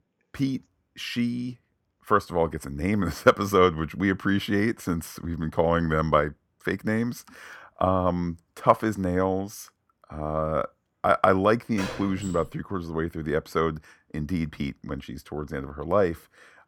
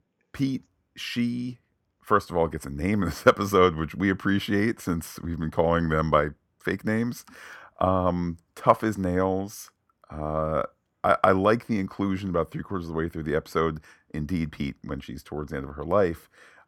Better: second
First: door banging; noticeable; at 12 s; peak 9 dB below the speech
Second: none

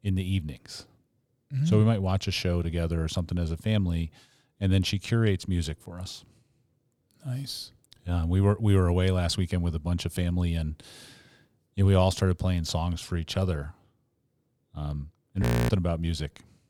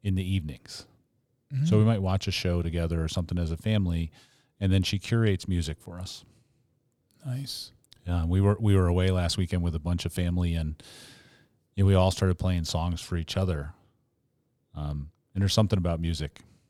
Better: second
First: audio freezing; at 15 s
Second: none

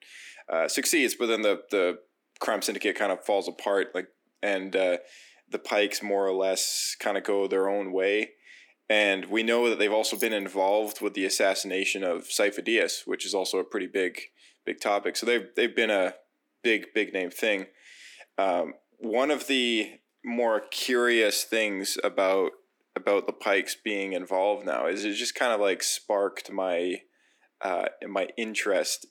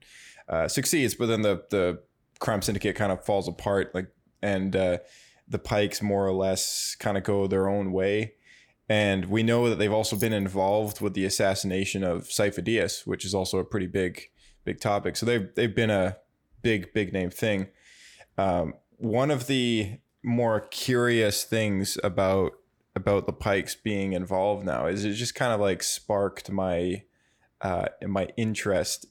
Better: second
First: thin; somewhat; fading below 250 Hz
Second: none

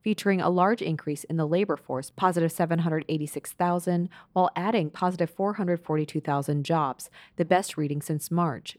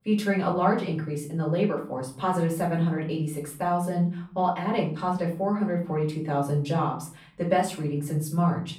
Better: first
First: none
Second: room echo; slight; dies away in 0.4 s // off-mic speech; far

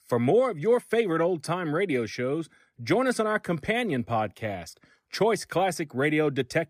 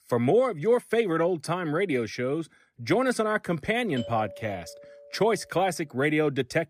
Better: first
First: none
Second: doorbell; faint; from 4 to 5.5 s; peak 15 dB below the speech

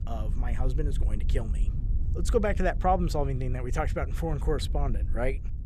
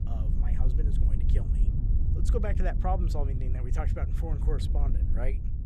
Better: first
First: wind noise on the microphone; occasional gusts; 20 dB below the speech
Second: wind noise on the microphone; heavy; 7 dB below the speech

